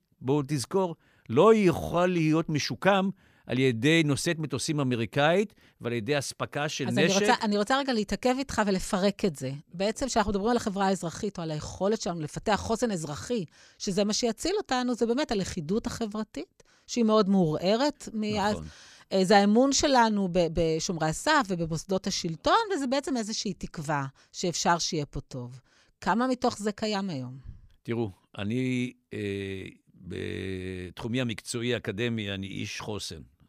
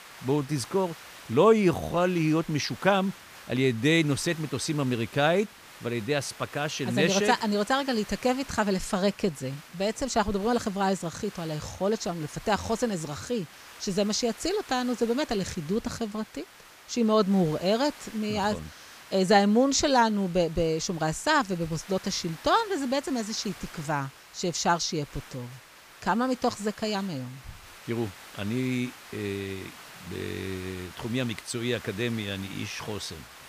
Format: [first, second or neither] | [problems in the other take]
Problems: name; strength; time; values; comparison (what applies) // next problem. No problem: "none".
first | hiss; noticeable; throughout; 20 dB below the speech